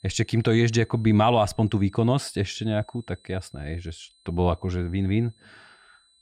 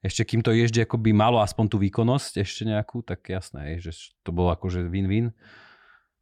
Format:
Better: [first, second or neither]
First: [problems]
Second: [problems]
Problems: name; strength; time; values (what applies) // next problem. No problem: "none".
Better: second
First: high-pitched whine; faint; throughout; 4 kHz, 35 dB below the speech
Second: none